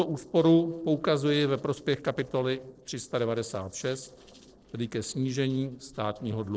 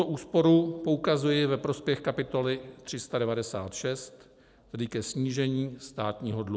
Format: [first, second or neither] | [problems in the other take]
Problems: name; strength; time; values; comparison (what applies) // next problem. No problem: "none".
second | noise reduction (neural separator model SepFormer DNS4)